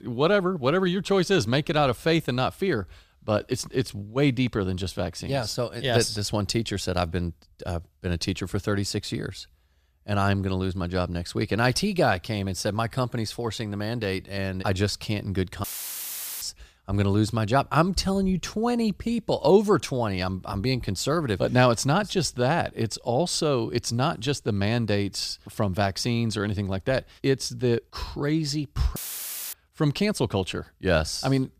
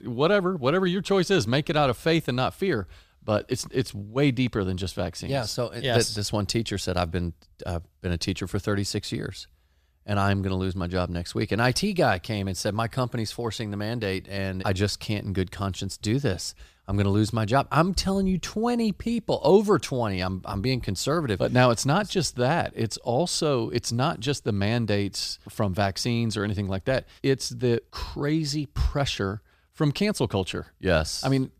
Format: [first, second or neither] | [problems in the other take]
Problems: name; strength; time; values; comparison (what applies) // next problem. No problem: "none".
second | audio cutting out; filled with static; at 16 s for 1 s and at 29 s for 0.5 s